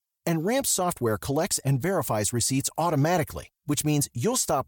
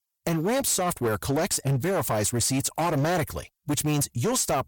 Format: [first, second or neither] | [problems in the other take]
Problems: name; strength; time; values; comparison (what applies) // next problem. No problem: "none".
first | distortion; slight; 18% of the sound clipped